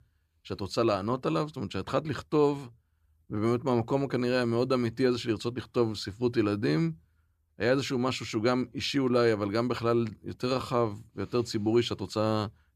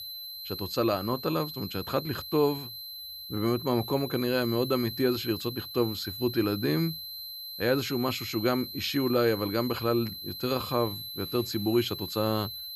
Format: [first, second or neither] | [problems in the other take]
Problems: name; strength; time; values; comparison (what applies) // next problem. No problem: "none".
first | high-pitched whine; loud; throughout; 4 kHz, 8 dB below the speech